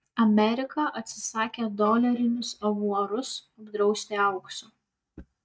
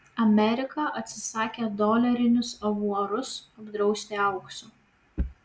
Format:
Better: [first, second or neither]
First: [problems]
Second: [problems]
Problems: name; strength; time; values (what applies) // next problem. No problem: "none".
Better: second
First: noise reduction (neural mask model DeepFilterNet 3)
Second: none